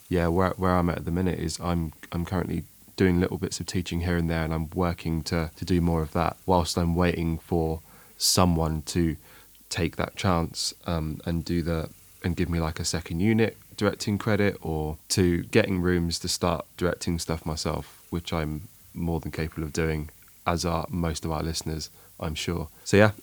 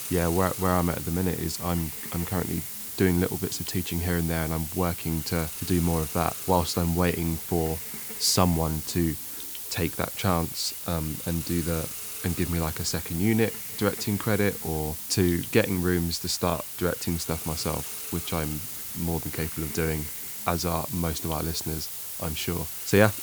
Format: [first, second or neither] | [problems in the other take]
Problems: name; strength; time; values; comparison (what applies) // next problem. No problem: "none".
first | hiss; loud; throughout; 5 dB below the speech; faint in the first